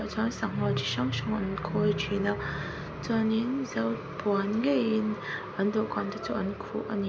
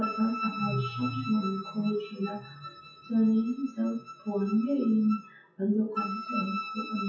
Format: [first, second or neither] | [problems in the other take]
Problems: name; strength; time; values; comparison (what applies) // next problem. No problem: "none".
first | noise reduction (classical method WPE with log-MMSE)